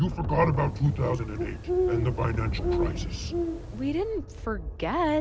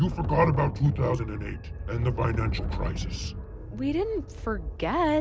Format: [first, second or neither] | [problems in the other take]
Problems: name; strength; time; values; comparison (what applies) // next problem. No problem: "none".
second | background sound (Bird); 5 dB below the speech